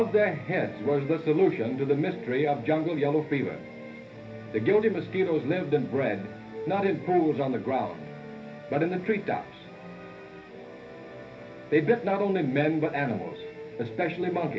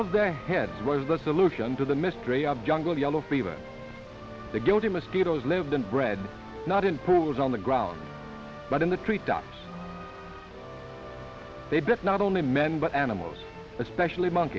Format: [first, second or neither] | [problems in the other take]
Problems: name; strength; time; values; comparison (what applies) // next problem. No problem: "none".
second | room echo; dies away in 0.3 s